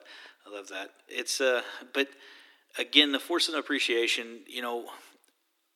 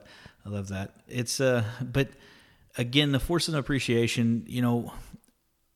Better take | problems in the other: second | thin; somewhat; fading below 300 Hz

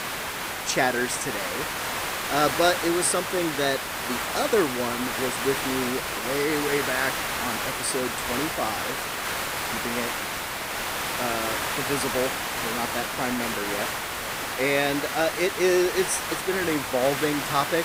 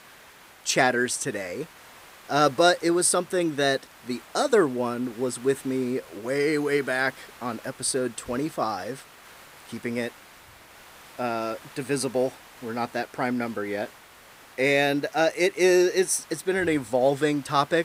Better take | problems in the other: second | hiss; loud; throughout; 1 dB below the speech; faint in the second

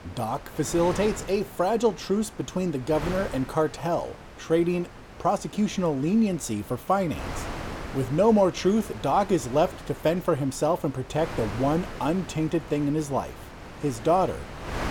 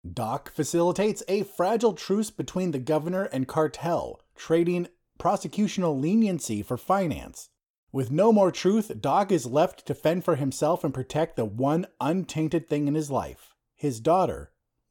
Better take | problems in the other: second | wind noise on the microphone; occasional gusts; 15 dB below the speech

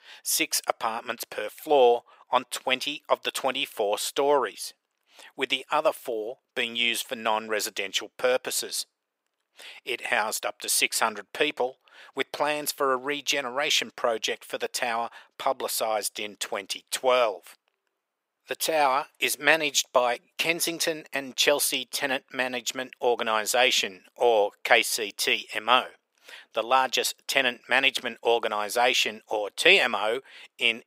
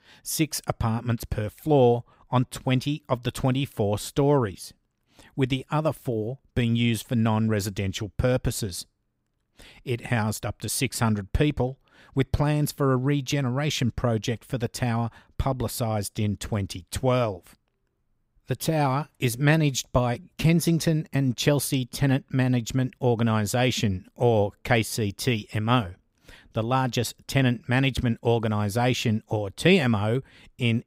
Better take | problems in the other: second | thin; very; fading below 500 Hz

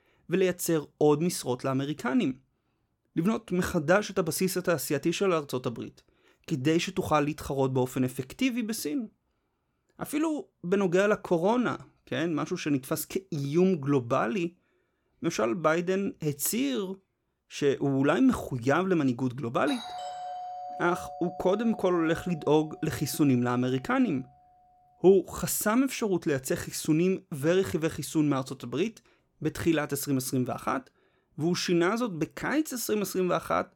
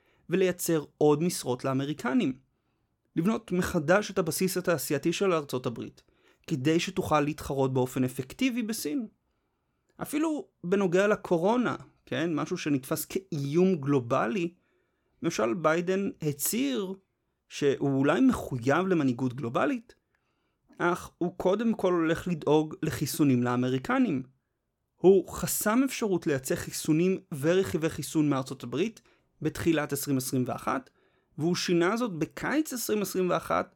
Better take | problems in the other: second | doorbell; noticeable; from 20 to 23 s; peak 9 dB below the speech

